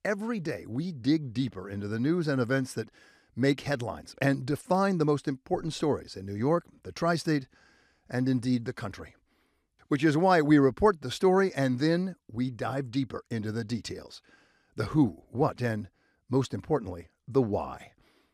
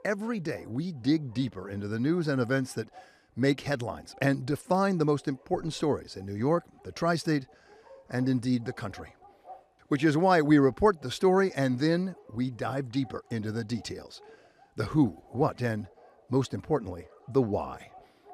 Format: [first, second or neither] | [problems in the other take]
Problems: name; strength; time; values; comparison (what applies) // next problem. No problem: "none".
first | animal sounds; faint; throughout; 25 dB below the speech